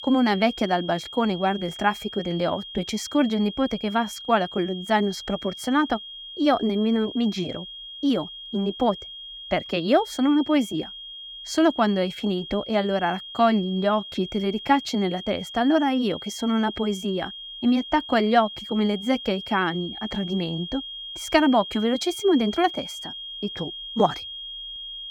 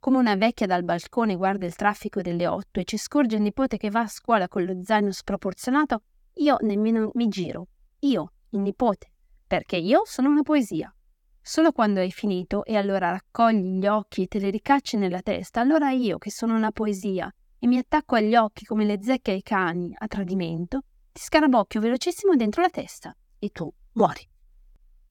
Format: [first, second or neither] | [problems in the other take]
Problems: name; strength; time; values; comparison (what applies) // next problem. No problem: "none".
second | high-pitched whine; noticeable; throughout; 3.5 kHz, 10 dB below the speech